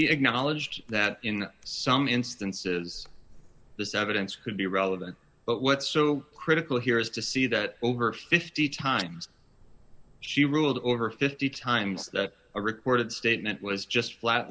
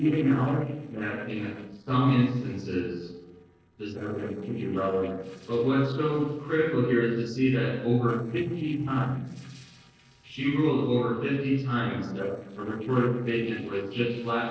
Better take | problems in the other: first | noise reduction (neural separator model SepFormer DNS4)

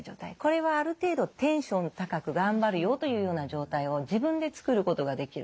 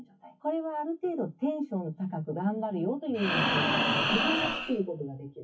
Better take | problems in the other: first | noise reduction (classical method WPE with log-MMSE)

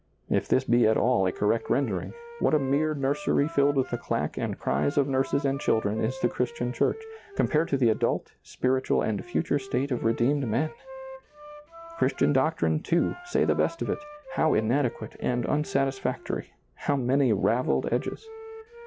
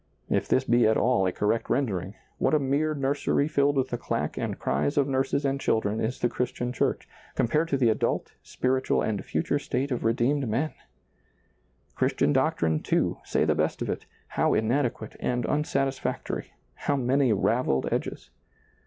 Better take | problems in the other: second | background sound (Wind instrument, woodwind instrument); 17 dB below the speech

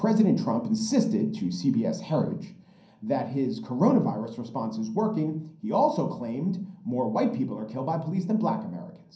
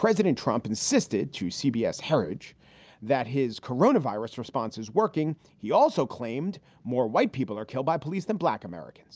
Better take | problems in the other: second | room echo; dies away in 0.6 s

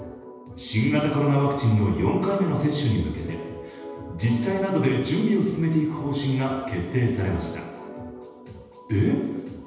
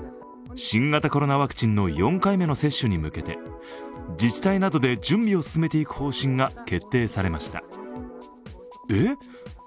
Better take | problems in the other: second | room echo; dies away in 1.1 s

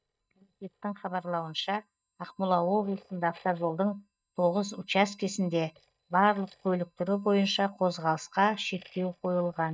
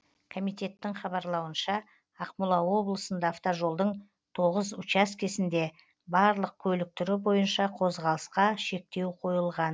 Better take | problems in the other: second | noise reduction (neural mask model DeepFilterNet 3)

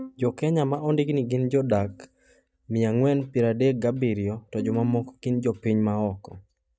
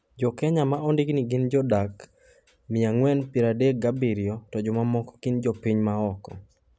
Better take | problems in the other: second | noise reduction (neural mask model DeepFilterNet 3)

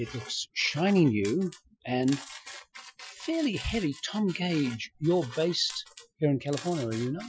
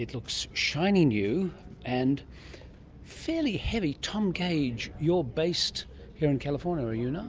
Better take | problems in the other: second | noise reduction (classical method Wiener filter)

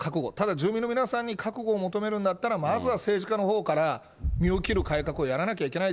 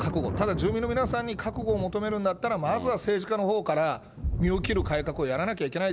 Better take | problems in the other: first | background sound (Thunder); 10 dB below the speech

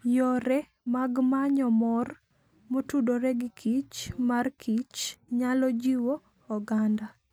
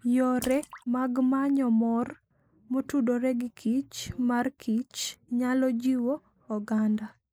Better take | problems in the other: first | noise reduction (neural mask model Resemble Enhance denoiser)

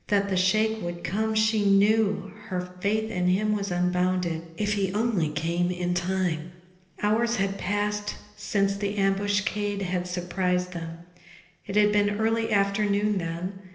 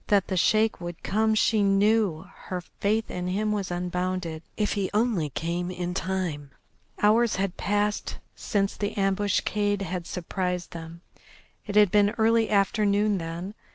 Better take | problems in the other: second | room echo; dies away in 0.8 s

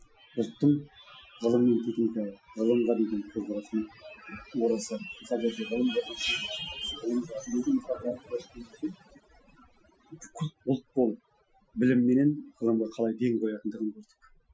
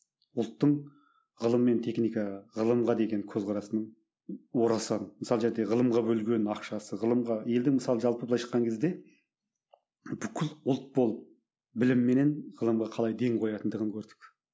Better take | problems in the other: second | noise reduction (classical method Wiener filter)

